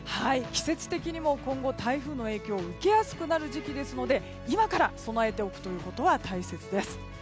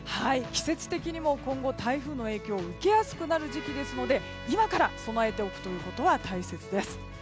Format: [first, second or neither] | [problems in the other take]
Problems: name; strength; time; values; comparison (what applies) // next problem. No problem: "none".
first | background sound (Trumpet); 16 dB below the speech